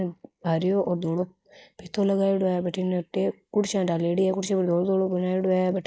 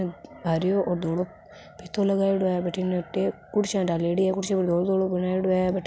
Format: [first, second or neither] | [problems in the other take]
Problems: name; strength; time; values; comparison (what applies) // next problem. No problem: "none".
second | noise reduction (neural mask model Resemble Enhance denoiser)